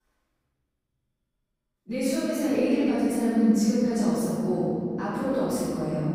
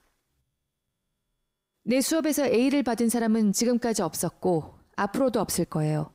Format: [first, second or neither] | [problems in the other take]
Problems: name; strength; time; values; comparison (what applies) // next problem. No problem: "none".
second | off-mic speech; far // room echo; strong; dies away in 2.8 s